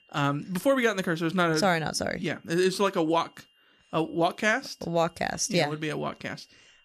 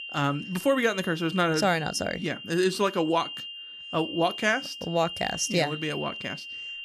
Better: first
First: high-pitched whine; faint; throughout; 3 kHz, 35 dB below the speech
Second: high-pitched whine; loud; throughout; 3 kHz, 10 dB below the speech

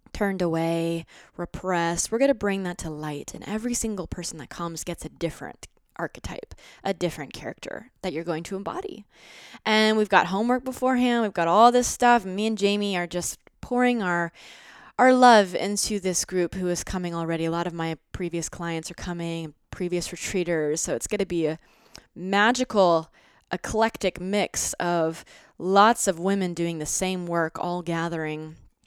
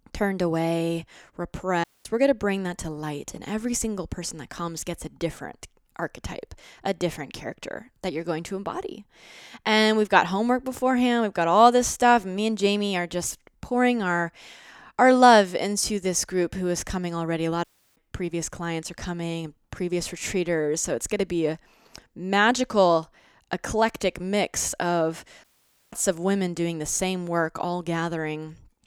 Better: first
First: none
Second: audio cutting out; at 2 s, at 18 s and at 25 s

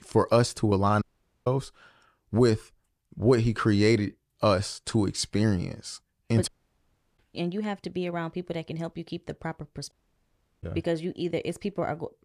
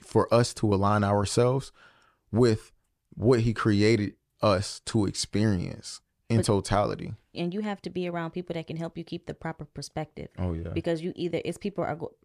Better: second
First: audio cutting out; at 1 s, at 6.5 s for 0.5 s and at 10 s for 0.5 s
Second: none

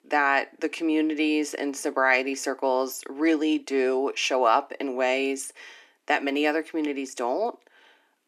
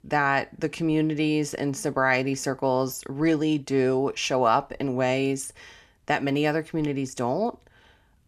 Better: second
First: thin; very slightly; fading below 300 Hz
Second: none

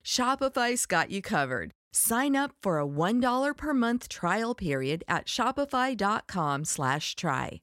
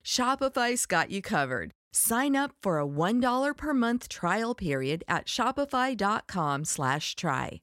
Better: neither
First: none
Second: none

